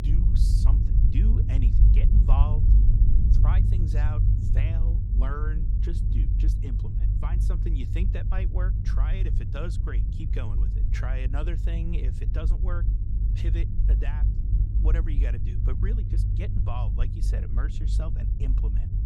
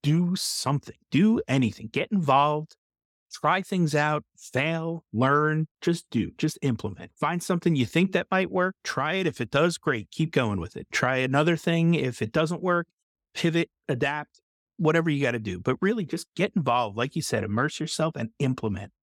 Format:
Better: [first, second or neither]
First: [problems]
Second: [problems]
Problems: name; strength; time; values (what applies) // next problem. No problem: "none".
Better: second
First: low rumble; loud; throughout; 2 dB below the speech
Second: none